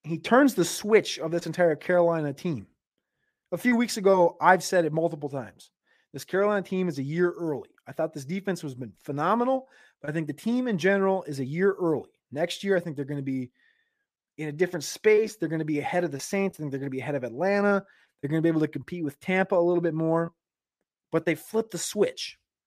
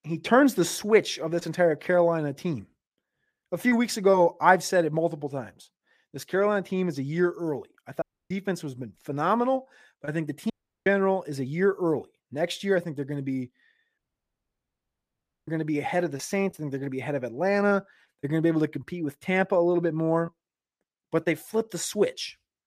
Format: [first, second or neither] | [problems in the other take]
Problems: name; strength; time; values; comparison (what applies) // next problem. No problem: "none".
first | audio cutting out; at 8 s, at 11 s and at 14 s for 1.5 s